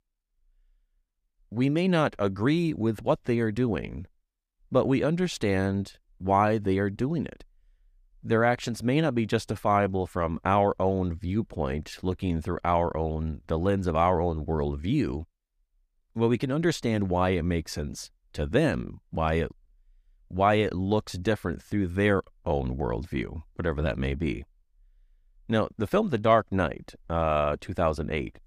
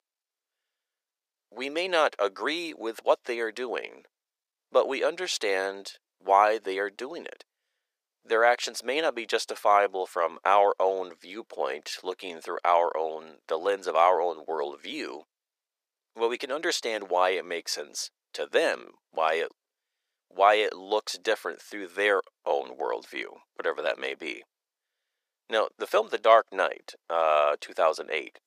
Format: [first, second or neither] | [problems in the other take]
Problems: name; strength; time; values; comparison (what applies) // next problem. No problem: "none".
first | thin; very; fading below 450 Hz